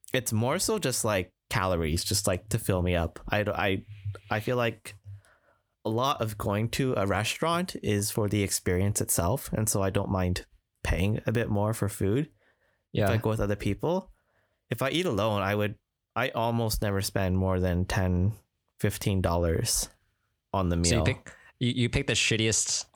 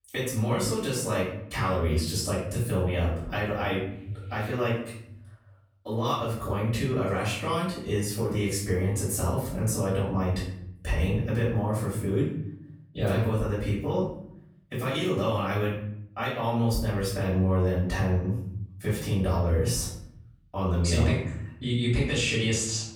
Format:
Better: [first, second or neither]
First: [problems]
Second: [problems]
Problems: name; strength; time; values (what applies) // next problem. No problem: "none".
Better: first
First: none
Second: off-mic speech; far // room echo; noticeable; dies away in 0.7 s